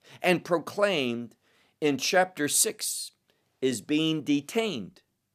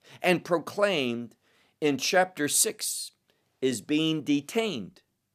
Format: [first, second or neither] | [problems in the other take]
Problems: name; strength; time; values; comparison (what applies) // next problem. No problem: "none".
neither | none